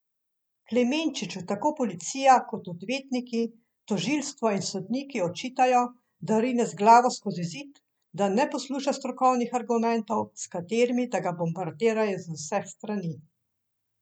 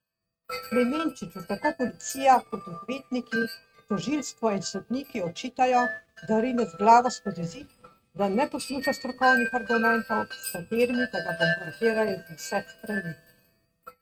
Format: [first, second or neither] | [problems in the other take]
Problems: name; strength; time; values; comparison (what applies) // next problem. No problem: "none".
first | noise reduction (neural mask model RNNoise)